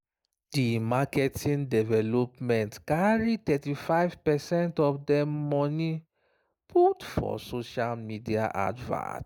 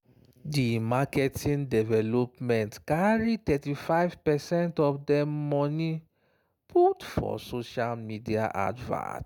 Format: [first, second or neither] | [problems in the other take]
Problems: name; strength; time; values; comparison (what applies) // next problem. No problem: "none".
second | noise reduction (neural mask model Resemble Enhance denoiser)